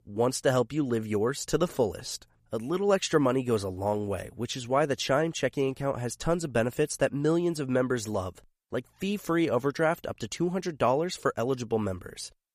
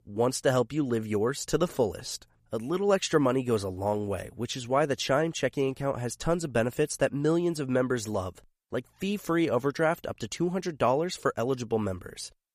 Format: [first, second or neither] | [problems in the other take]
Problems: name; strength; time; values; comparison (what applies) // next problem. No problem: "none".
neither | none